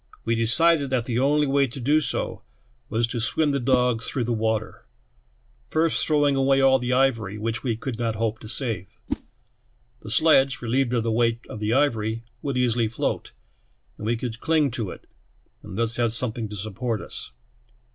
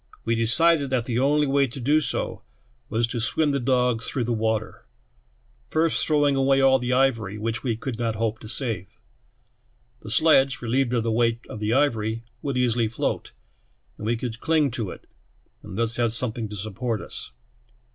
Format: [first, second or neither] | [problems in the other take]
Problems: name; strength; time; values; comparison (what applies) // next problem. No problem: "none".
second | background sound (Whoosh, swoosh, swish); 13 dB below the speech